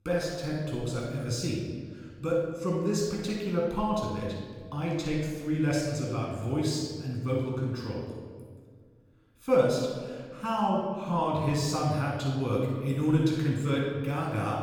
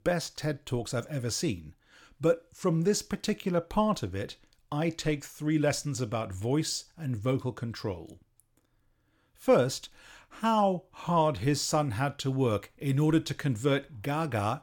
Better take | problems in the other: second | off-mic speech; far // room echo; noticeable; dies away in 1.5 s

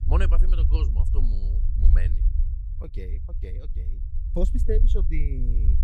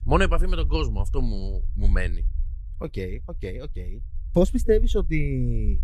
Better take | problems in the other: second | low rumble; loud; throughout; 8 dB below the speech; faint in the second

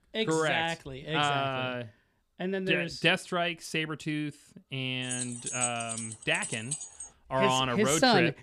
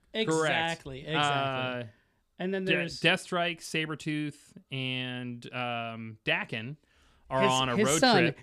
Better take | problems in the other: second | jangling keys; noticeable; from 5 to 7 s; peak 2 dB below the speech

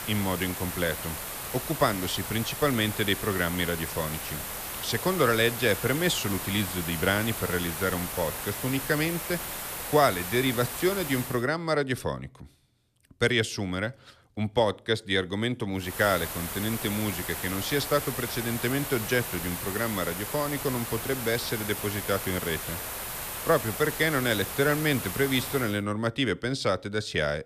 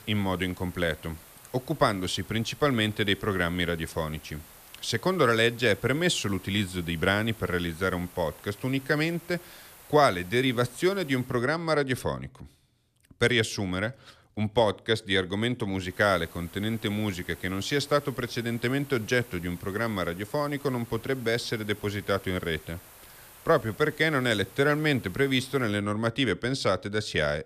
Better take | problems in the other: second | hiss; loud; until 11 s and from 16 to 26 s; 5 dB below the speech; faint in the second

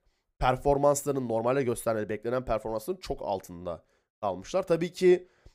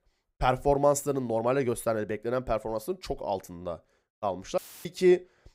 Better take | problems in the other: first | audio cutting out; filled with static; at 4.5 s

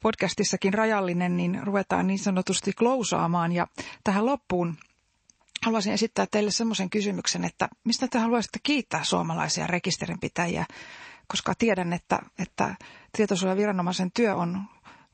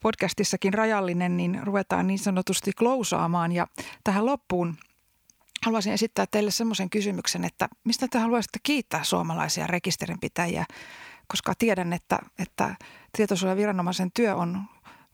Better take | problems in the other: second | garbled, watery; slightly; nothing above 8 kHz

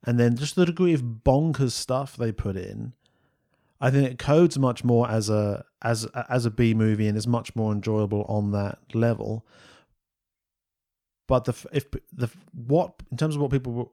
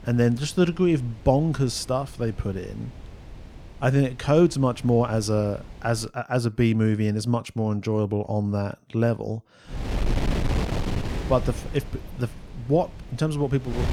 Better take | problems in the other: first | wind noise on the microphone; heavy; until 6 s and from 9.5 s on; 10 dB below the speech

